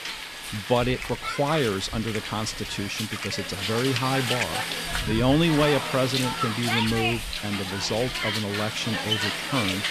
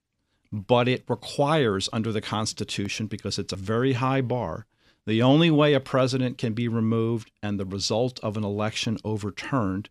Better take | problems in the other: second | hiss; loud; throughout; 2 dB below the speech

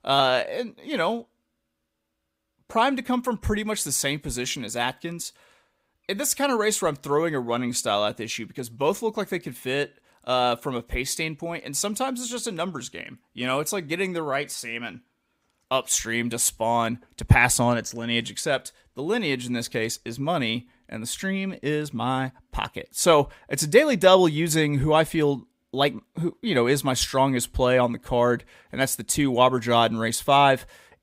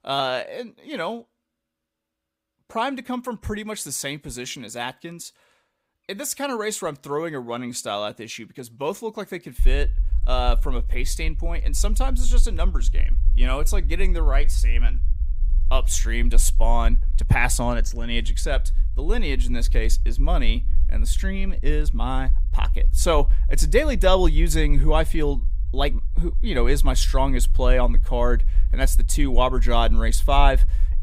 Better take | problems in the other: first | low rumble; faint; from 9.5 s on; 25 dB below the speech

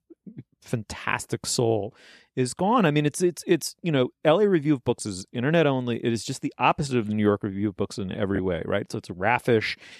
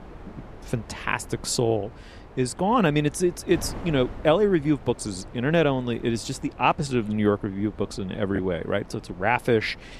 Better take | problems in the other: first | wind noise on the microphone; occasional gusts; 20 dB below the speech

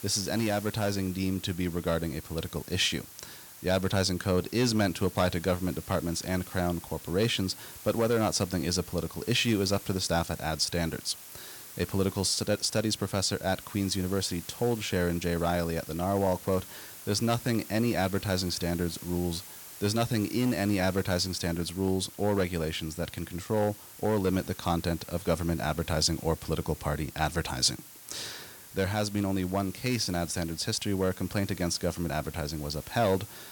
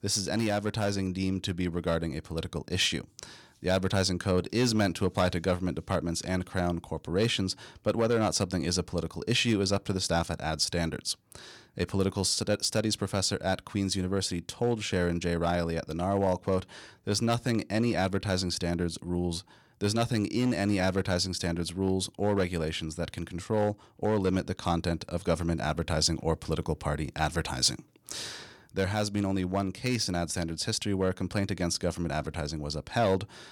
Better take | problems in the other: second | hiss; noticeable; throughout; 15 dB below the speech

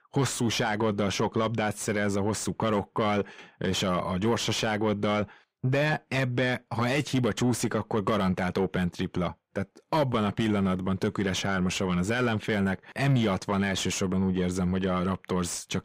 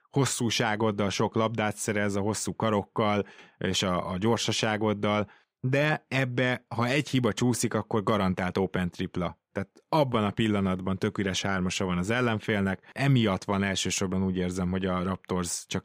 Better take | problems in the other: second | distortion; slight; 10 dB below the speech

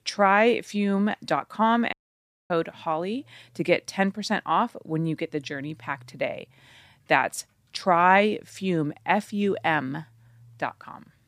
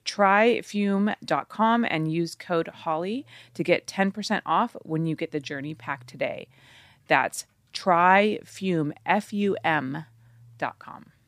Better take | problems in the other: second | audio cutting out; at 2 s for 0.5 s

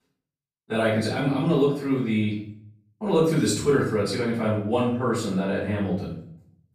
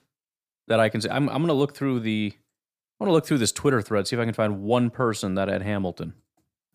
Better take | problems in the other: second | off-mic speech; far // room echo; noticeable; dies away in 0.5 s

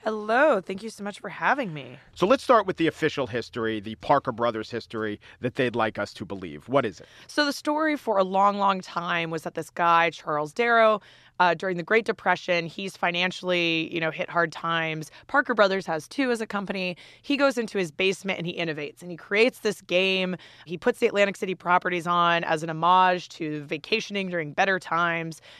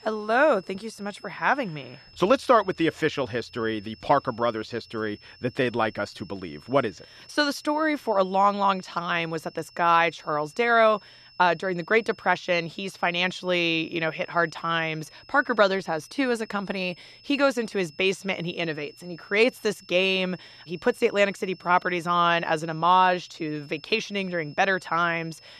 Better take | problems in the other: first | high-pitched whine; faint; throughout; 5.5 kHz, 25 dB below the speech

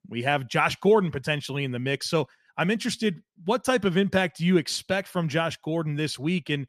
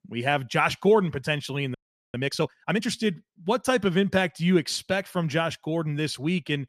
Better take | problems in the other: first | audio freezing; at 1.5 s

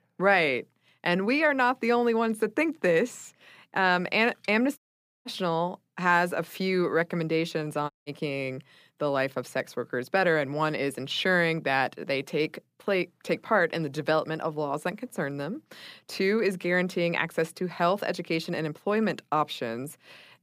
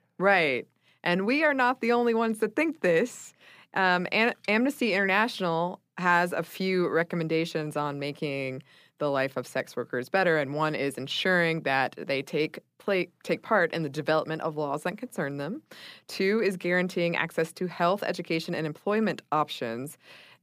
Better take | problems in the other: second | audio cutting out; at 5 s and at 8 s

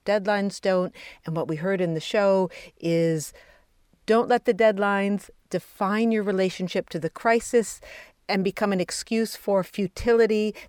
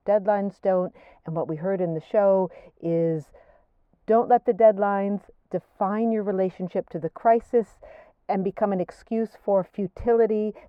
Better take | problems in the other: first | muffled; very; fading above 2.5 kHz

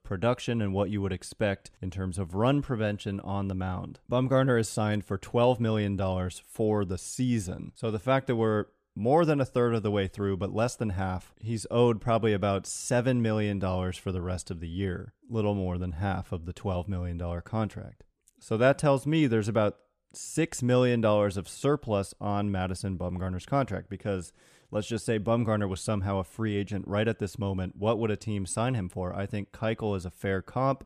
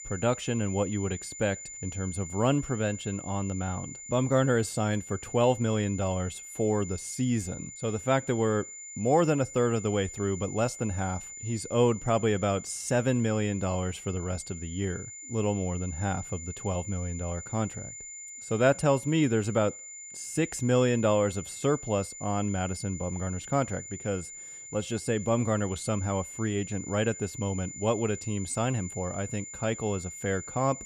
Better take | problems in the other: first | high-pitched whine; noticeable; throughout; 7 kHz, 10 dB below the speech

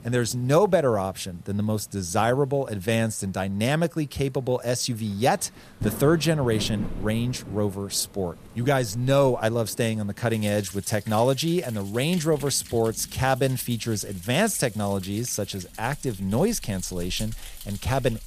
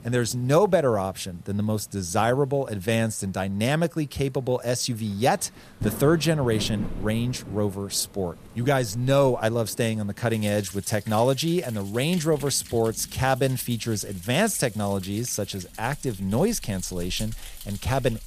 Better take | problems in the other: neither | rain or running water; noticeable; throughout; 15 dB below the speech; the same in both

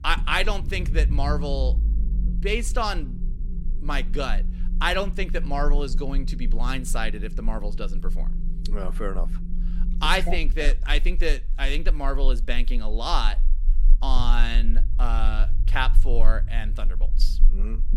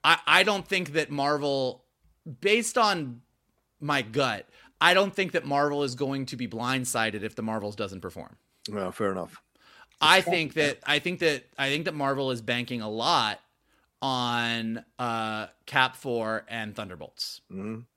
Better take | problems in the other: second | low rumble; noticeable; throughout; 20 dB below the speech

